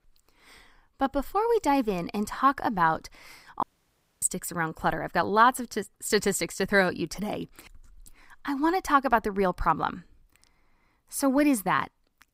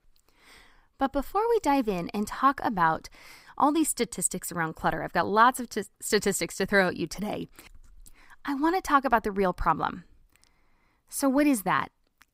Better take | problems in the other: second | audio cutting out; at 3.5 s for 0.5 s

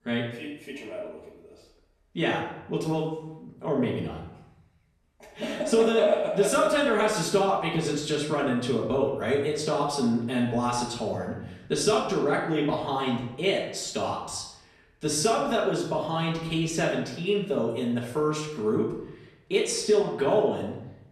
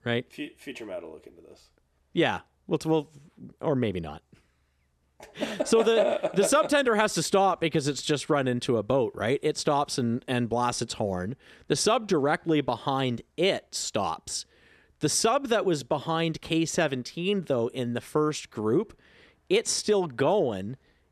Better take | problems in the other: second | room echo; noticeable; dies away in 0.7 s // off-mic speech; far

